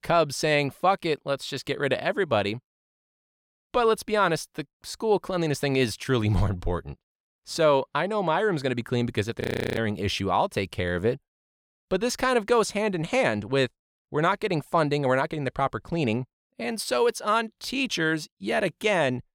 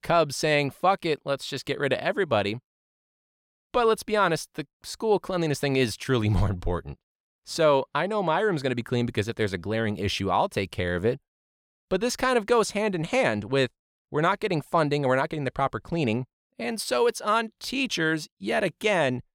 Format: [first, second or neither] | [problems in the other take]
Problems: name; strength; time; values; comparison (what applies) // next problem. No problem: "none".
second | audio freezing; at 9.5 s